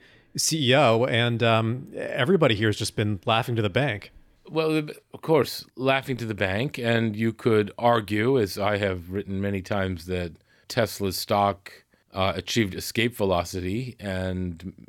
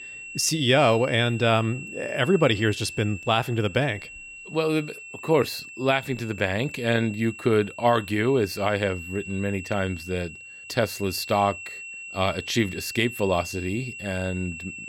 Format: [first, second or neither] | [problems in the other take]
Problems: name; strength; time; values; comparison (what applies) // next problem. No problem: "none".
first | high-pitched whine; noticeable; throughout; 2.5 kHz, 10 dB below the speech